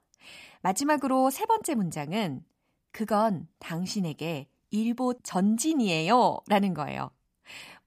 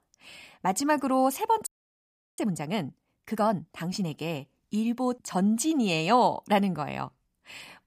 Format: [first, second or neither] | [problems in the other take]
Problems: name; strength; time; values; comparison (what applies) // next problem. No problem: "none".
first | audio freezing; at 1.5 s for 0.5 s